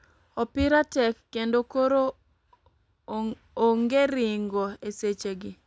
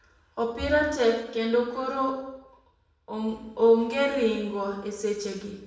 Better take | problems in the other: first | room echo; dies away in 0.8 s

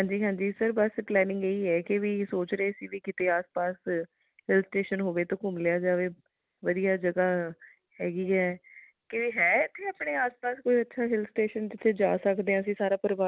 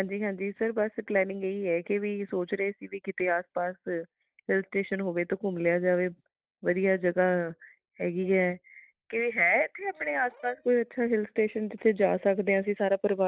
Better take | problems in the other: first | noise reduction (neural mask model DeepFilterNet 3)

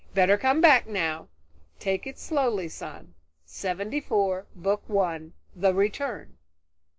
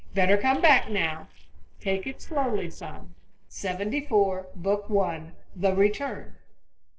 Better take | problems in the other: first | noise reduction (neural separator model SepFormer DNS4)

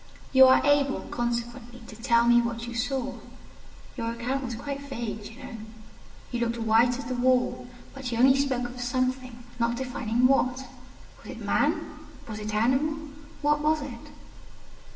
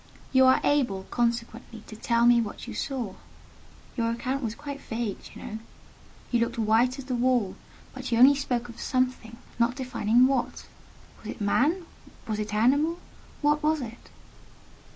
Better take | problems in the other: second | room echo; dies away in 1.1 s

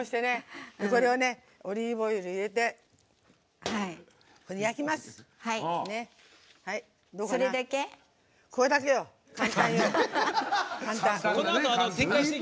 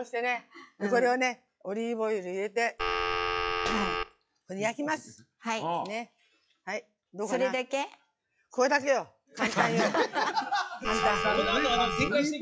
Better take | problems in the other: first | noise reduction (classical method log-MMSE)

